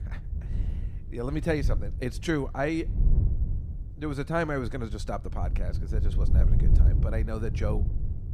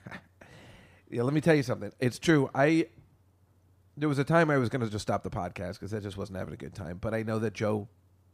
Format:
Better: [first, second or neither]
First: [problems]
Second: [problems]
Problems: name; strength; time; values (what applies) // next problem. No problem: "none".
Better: second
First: wind noise on the microphone; occasional gusts; 10 dB below the speech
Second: none